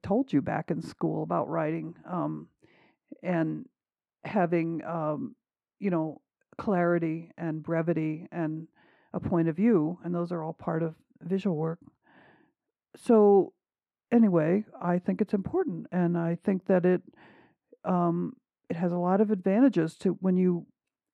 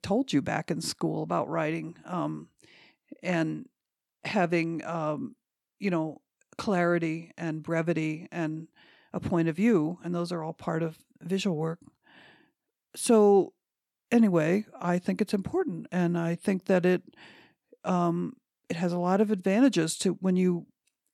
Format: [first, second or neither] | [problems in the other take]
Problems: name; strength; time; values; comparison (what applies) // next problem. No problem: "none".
second | muffled; very; fading above 2.5 kHz